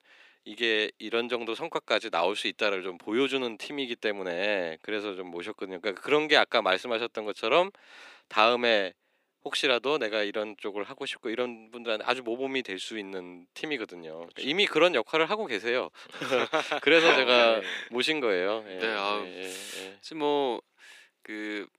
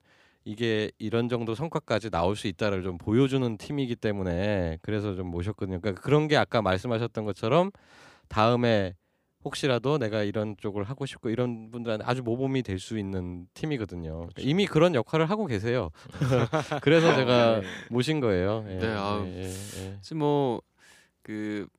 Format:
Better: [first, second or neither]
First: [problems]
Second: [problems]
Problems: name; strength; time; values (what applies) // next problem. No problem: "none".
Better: second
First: thin; somewhat; fading below 300 Hz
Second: none